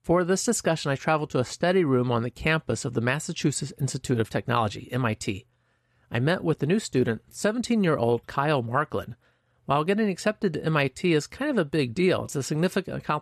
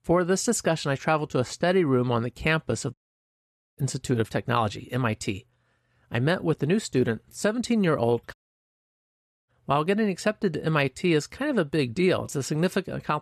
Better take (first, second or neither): first